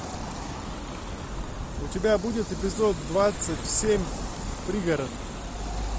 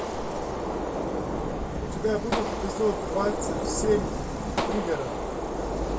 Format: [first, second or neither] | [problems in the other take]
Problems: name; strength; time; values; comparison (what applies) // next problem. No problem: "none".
first | background sound (Gunshot, gunfire); as loud as the speech // room echo; dies away in 0.2 s